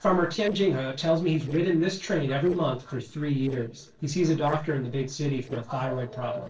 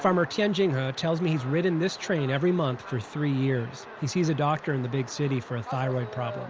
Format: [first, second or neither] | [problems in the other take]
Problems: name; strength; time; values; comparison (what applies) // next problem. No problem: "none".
second | noise reduction (neural separator model SepFormer DNS4)